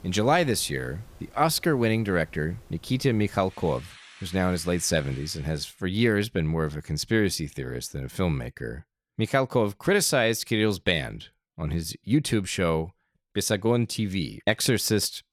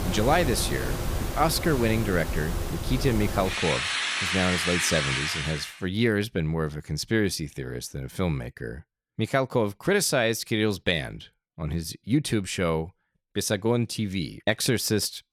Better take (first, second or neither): first